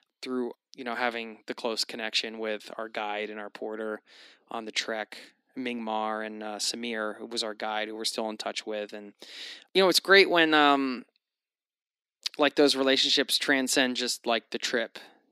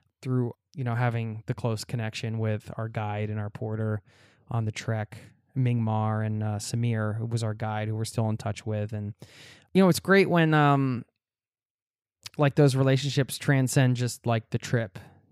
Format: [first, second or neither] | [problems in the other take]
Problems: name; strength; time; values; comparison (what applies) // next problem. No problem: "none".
second | thin; somewhat; fading below 250 Hz